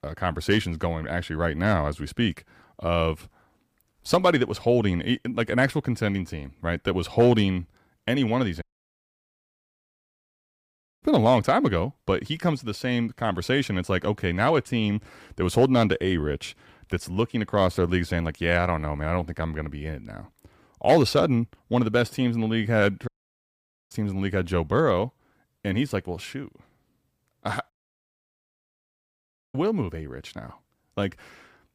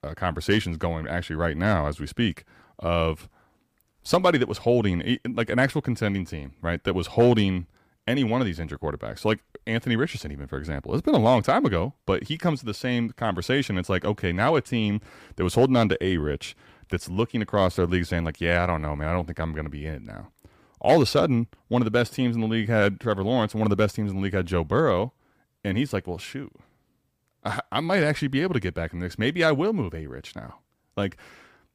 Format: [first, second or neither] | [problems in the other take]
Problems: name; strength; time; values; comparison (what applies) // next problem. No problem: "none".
second | audio cutting out; at 8.5 s for 2.5 s, at 23 s for 1 s and at 28 s for 2 s